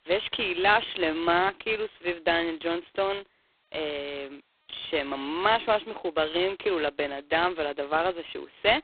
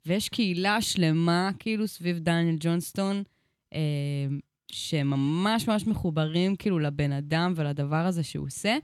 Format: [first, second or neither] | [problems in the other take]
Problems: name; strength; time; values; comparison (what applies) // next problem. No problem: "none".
second | phone-call audio; poor line; nothing above 3.5 kHz